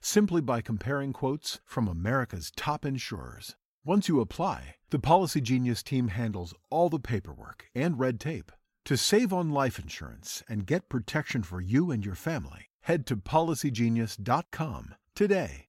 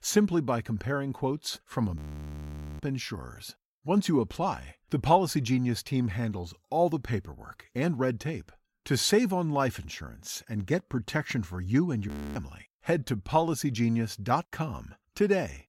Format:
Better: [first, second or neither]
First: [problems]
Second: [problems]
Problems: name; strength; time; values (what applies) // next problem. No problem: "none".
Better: first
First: none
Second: audio freezing; at 2 s for 1 s and at 12 s